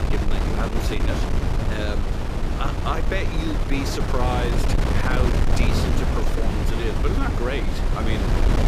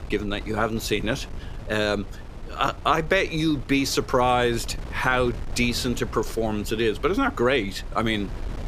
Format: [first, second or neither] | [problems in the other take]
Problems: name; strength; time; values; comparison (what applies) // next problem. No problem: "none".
second | wind noise on the microphone; heavy; as loud as the speech; occasional gusts in the second